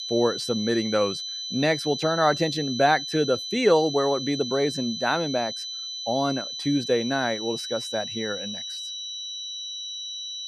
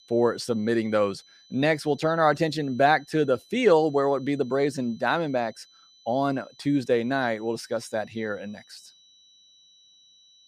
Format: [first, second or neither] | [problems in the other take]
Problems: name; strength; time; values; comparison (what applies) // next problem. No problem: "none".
second | high-pitched whine; loud; throughout; 4 kHz, 6 dB below the speech; faint in the second